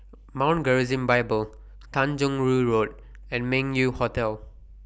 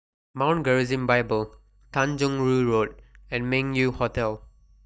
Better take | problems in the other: first | noise reduction (neural mask model DeepFilterNet 3)

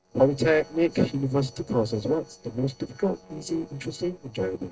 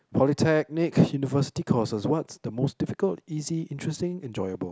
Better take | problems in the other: second | noise reduction (neural separator model SepFormer DNS4)

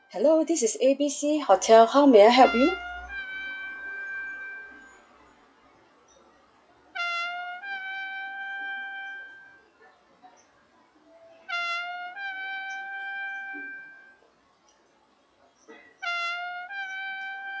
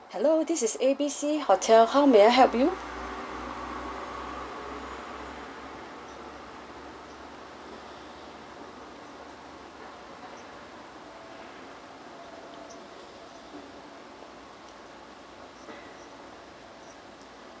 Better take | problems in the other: second | noise reduction (classical method log-MMSE)

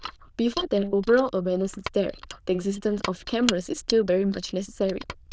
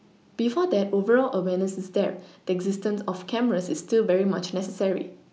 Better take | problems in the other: second | noise reduction (neural diffusion model UNIVERSE++)

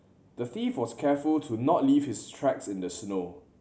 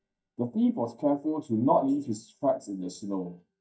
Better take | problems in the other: first | noise reduction (neural mask model DeepFilterNet 3)

